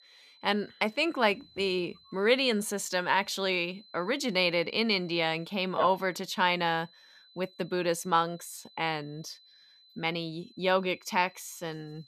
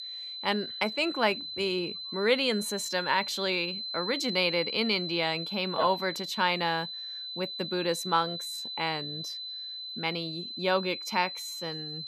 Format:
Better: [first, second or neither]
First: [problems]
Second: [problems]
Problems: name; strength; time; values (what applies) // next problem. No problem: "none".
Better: first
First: high-pitched whine; faint; throughout; 4 kHz, 25 dB below the speech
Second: high-pitched whine; loud; throughout; 4 kHz, 5 dB below the speech